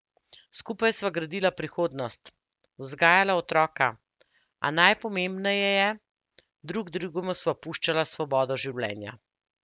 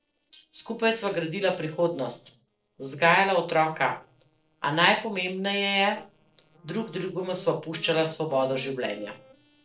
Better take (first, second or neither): first